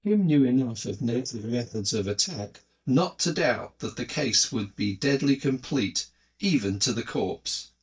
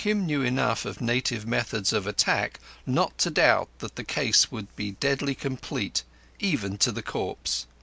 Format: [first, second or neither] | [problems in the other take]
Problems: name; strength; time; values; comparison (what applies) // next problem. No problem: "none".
second | noise reduction (neural mask model DeepFilterNet 3)